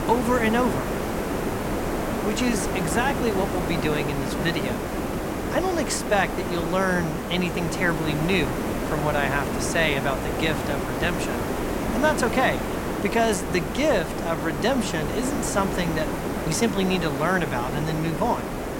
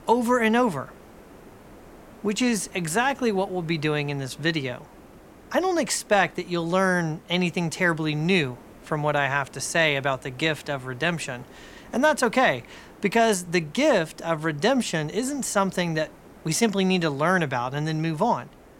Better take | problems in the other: second | hiss; loud; throughout; 2 dB below the speech; faint in the second

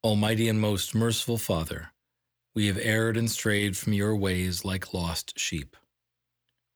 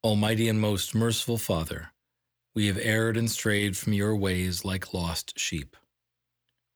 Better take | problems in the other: neither | none

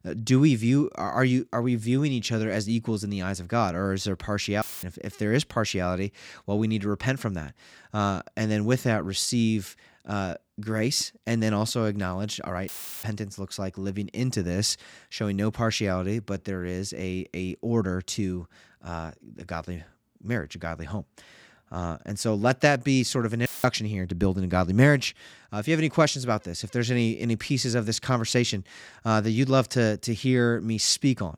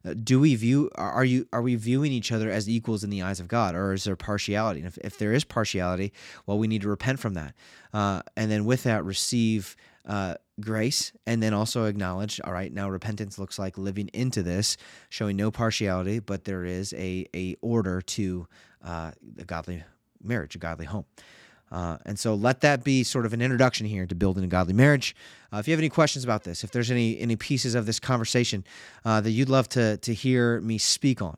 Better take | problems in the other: second | audio cutting out; filled with static; at 4.5 s, at 13 s and at 23 s

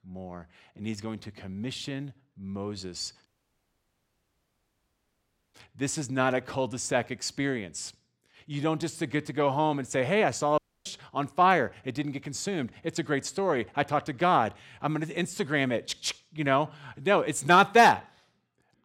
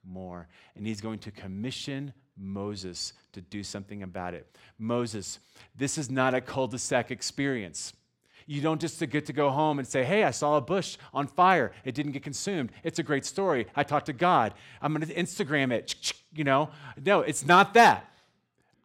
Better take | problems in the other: second | audio cutting out; at 3.5 s for 2.5 s and at 11 s

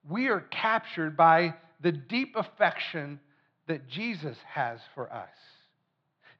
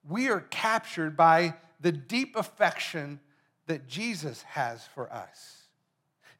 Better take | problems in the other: second | muffled; very slightly; fading above 4 kHz

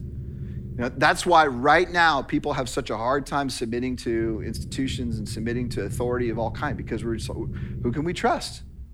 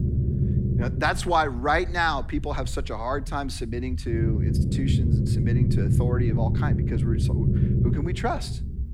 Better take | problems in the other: first | low rumble; loud; throughout; 7 dB below the speech; faint in the first

